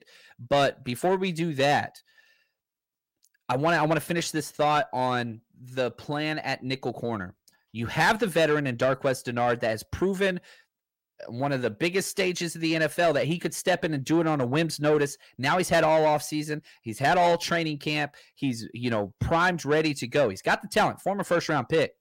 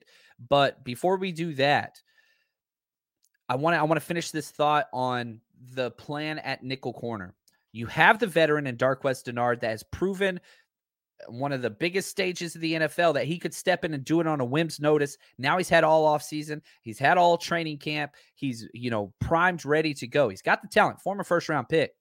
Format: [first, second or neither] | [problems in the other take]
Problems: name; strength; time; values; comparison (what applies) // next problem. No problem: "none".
second | distortion; slight; 10 dB below the speech